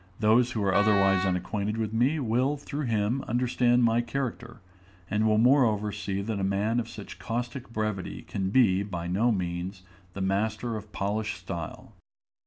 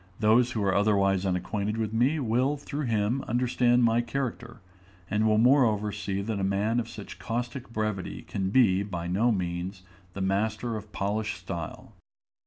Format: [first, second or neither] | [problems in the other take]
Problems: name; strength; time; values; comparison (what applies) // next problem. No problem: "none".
second | background sound (Wind instrument, woodwind instrument); 6 dB below the speech